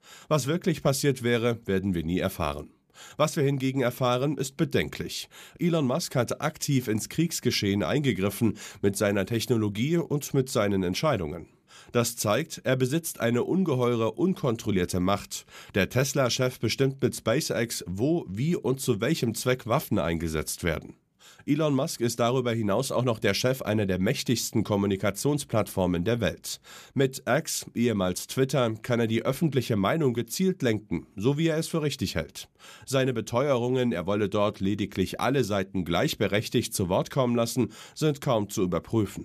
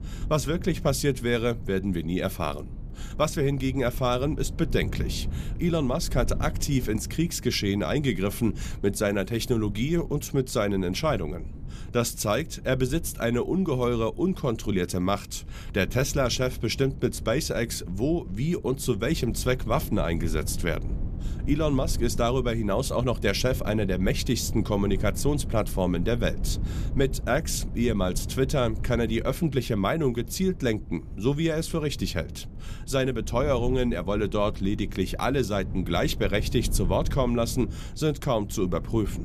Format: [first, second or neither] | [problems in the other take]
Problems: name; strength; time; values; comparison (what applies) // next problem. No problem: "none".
first | low rumble; noticeable; throughout; 20 dB below the speech